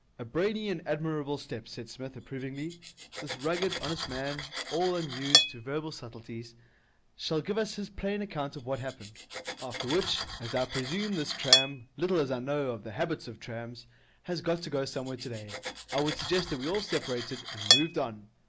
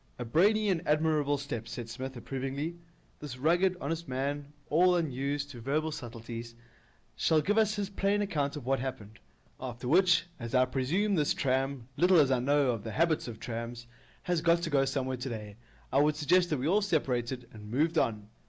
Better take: second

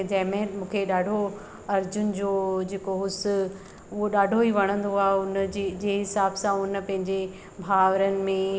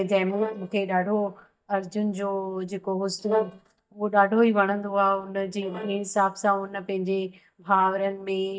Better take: first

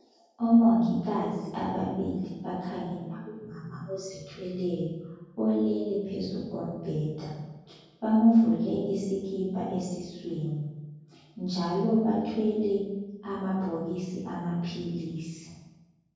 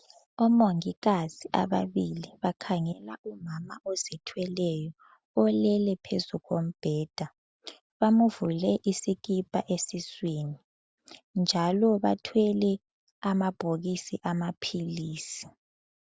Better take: second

